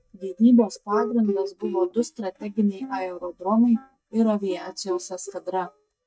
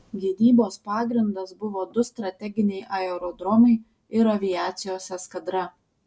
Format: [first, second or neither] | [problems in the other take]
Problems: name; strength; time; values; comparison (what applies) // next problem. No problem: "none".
second | noise reduction (neural mask model DeepFilterNet 3)